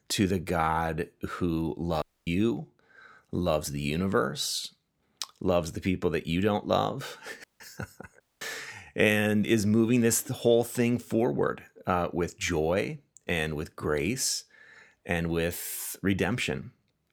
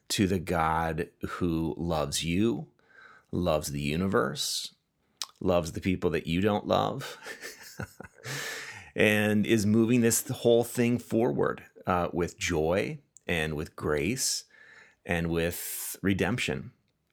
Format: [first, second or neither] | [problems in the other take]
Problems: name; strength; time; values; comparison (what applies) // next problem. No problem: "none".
second | audio cutting out; at 2 s, at 7.5 s and at 8 s